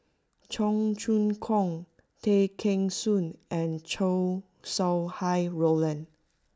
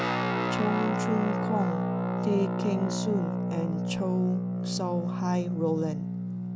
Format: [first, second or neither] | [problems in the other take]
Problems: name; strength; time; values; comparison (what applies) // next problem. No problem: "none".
first | background sound (Guitar); 2 dB above the speech